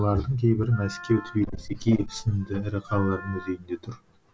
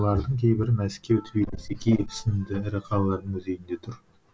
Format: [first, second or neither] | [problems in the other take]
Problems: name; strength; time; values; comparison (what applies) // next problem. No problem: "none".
second | background sound (Wind instrument, woodwind instrument); 18 dB below the speech